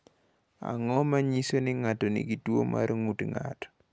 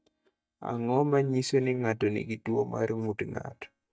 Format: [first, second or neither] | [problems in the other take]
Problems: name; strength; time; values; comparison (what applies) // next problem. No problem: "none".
first | noise reduction (neural mask model DeepFilterNet 3)